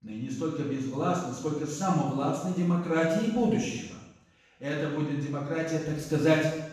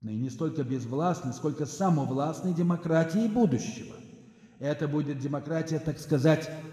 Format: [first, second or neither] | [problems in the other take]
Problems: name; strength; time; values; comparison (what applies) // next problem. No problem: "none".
second | room echo; strong; dies away in 0.8 s; slight in the second // off-mic speech; far